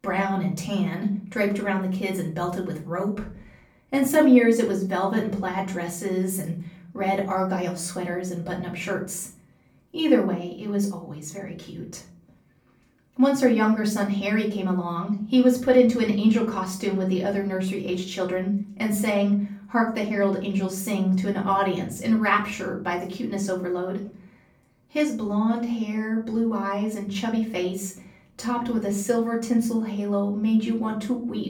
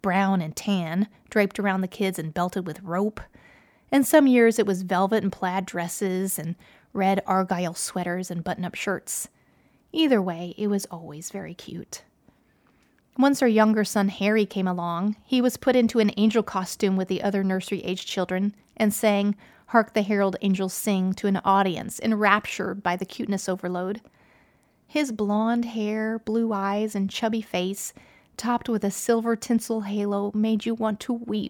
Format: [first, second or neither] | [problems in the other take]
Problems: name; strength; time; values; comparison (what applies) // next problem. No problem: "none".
second | off-mic speech; far // room echo; slight; dies away in 0.5 s